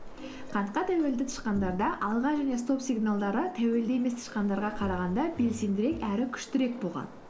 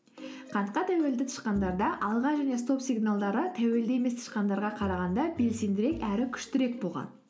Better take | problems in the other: second | background sound (Waves, surf); 15 dB below the speech

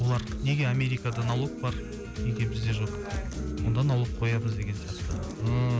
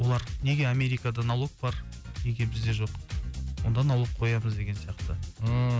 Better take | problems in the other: second | background sound (Acoustic guitar); 10 dB below the speech

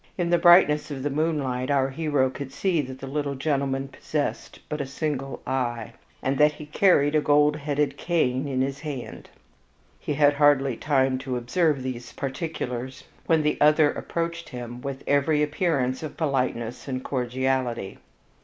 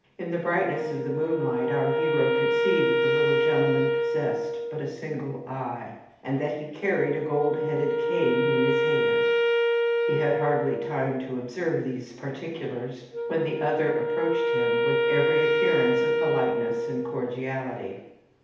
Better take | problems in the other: first | background sound (Wind instrument, woodwind instrument); 3 dB above the speech // room echo; dies away in 0.8 s

